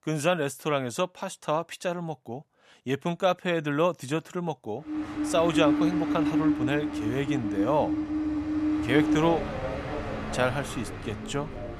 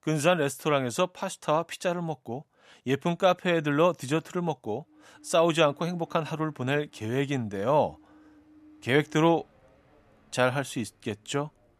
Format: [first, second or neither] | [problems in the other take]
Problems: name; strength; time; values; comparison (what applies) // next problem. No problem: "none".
second | train or aircraft noise; loud; from 5 s on; as loud as the speech; faint in the second